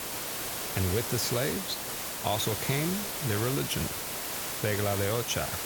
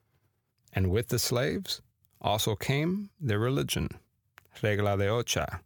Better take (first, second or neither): second